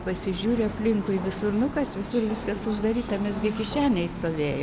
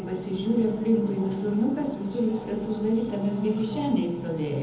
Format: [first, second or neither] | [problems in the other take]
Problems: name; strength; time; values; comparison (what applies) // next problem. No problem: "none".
first | room echo; dies away in 1 s